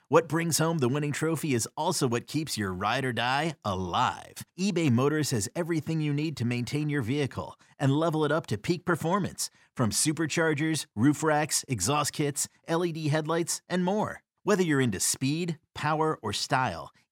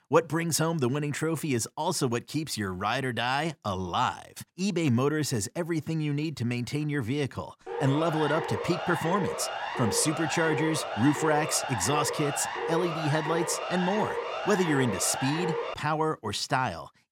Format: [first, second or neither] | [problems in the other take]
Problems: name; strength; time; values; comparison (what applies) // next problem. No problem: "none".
first | siren; noticeable; from 7.5 to 16 s; peak 3 dB below the speech